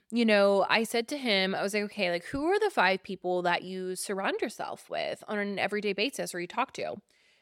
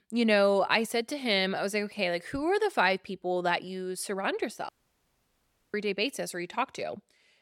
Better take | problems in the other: first | audio cutting out; at 4.5 s for 1 s

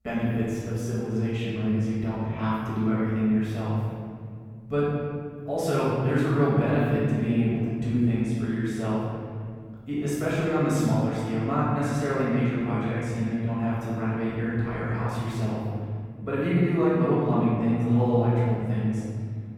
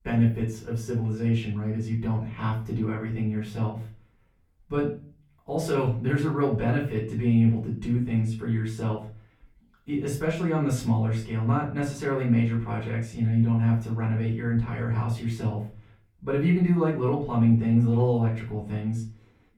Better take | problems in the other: second | room echo; strong; dies away in 2.4 s; slight in the second // off-mic speech; far; far in the second

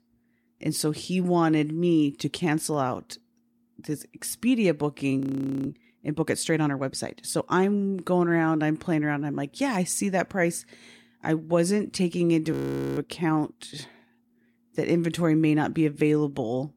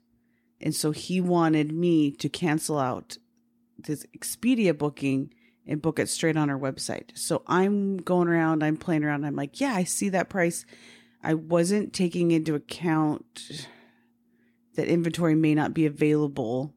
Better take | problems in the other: second | audio freezing; at 5 s and at 13 s

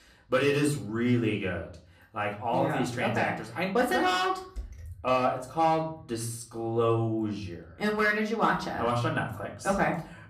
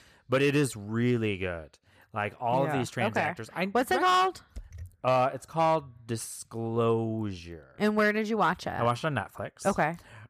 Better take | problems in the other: second | room echo; slight; dies away in 0.4 s // off-mic speech; far

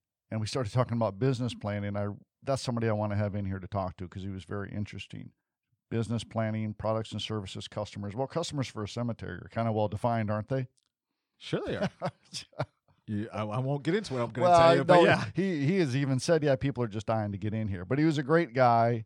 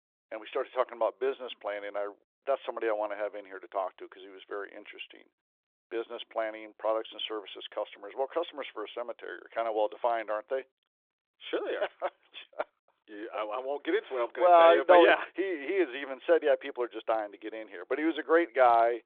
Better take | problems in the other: first | phone-call audio; nothing above 3.5 kHz

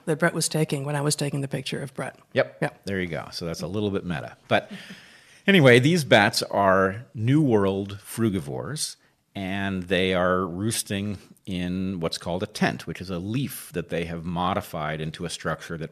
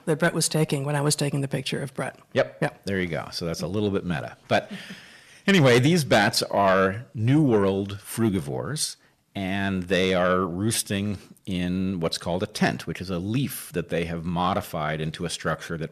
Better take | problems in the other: first | distortion; slight; 10 dB below the speech

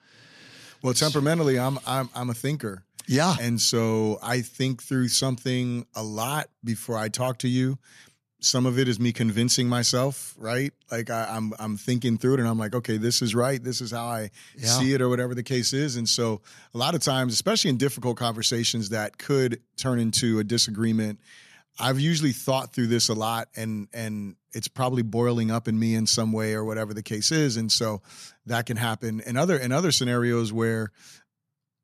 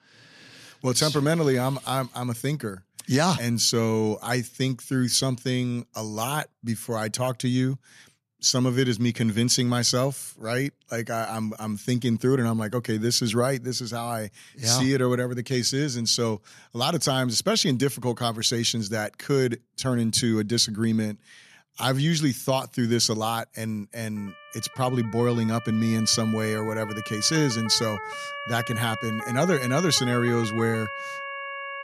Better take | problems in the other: first | siren; noticeable; from 24 s on; peak 8 dB below the speech

